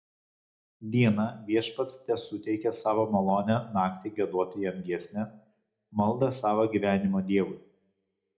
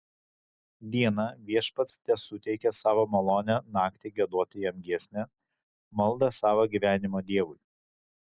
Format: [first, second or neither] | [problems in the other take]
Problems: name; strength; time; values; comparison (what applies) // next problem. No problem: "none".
second | room echo; dies away in 0.3 s